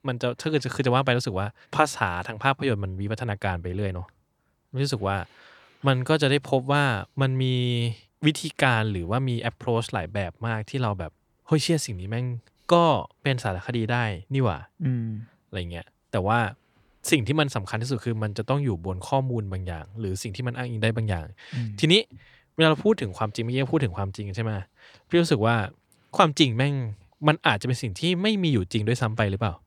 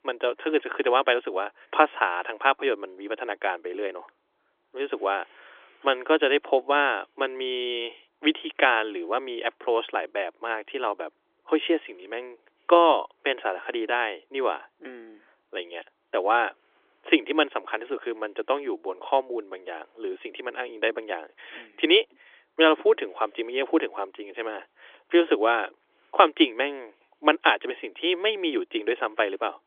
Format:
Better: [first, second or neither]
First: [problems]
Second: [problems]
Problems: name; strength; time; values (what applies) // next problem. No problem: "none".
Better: first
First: none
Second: phone-call audio; nothing above 3.5 kHz